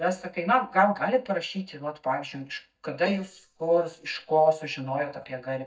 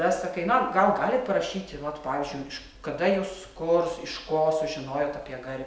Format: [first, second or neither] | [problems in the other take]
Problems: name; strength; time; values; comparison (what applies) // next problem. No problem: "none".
second | noise reduction (neural mask model DeepFilterNet 3)